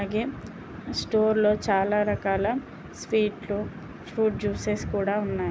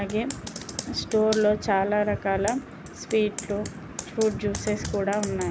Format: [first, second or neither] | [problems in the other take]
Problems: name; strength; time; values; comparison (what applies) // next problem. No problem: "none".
first | background sound (Computer keyboard); 15 dB below the speech